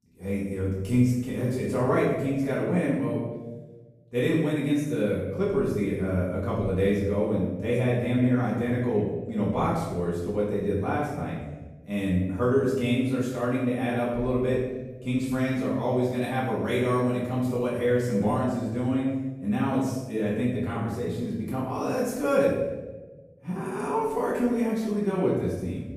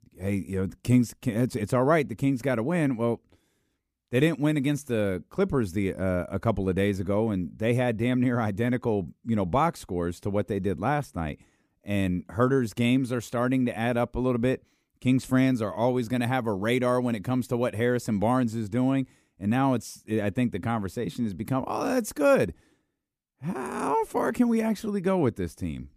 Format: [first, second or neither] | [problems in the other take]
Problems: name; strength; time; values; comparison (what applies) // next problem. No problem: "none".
second | off-mic speech; far // room echo; noticeable; dies away in 1 s